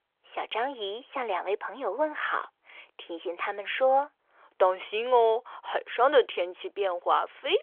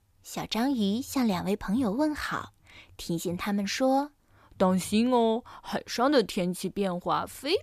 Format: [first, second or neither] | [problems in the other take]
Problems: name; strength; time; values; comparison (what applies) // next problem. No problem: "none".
second | phone-call audio; nothing above 3.5 kHz